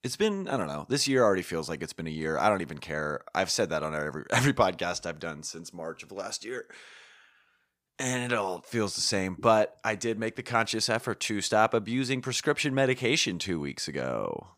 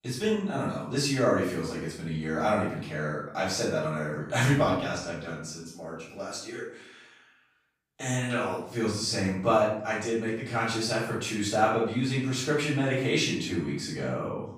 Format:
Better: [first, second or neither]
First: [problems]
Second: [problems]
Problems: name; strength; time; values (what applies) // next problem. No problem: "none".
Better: first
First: none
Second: off-mic speech; far // room echo; noticeable; dies away in 0.6 s